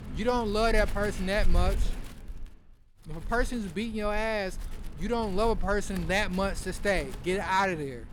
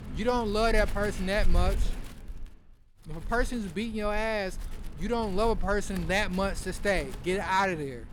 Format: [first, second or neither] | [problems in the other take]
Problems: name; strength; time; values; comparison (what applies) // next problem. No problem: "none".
neither | wind noise on the microphone; occasional gusts; 20 dB below the speech; the same in both